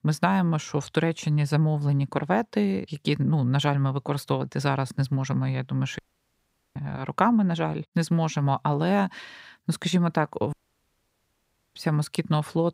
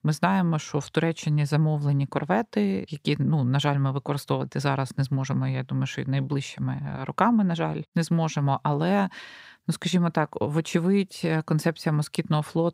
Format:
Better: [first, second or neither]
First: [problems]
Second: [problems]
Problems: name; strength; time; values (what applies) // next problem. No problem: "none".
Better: second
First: audio cutting out; at 6 s for 1 s and at 11 s for 1 s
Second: none